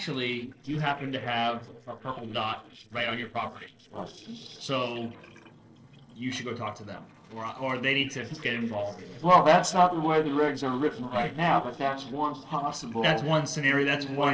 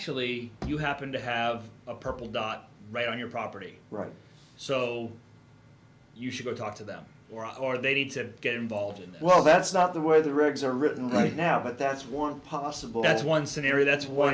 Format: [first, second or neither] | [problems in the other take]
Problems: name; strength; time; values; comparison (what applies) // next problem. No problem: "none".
second | noise reduction (neural separator model SepFormer DNS4)